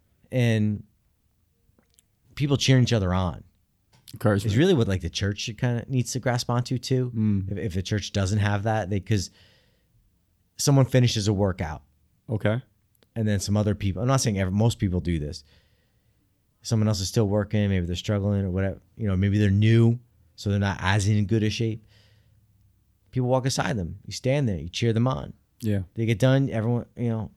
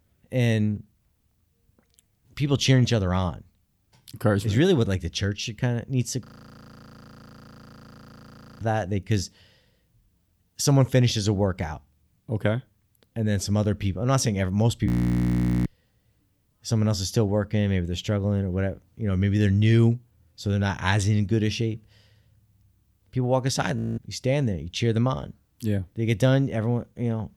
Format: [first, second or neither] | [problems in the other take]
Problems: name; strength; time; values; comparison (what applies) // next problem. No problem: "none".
first | audio freezing; at 6.5 s for 2.5 s, at 15 s for 1 s and at 24 s